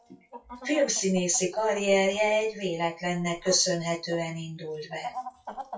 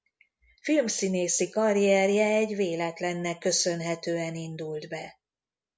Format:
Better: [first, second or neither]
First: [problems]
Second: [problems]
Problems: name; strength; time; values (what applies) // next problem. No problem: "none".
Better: second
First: noise reduction (classical method WPE with log-MMSE)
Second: none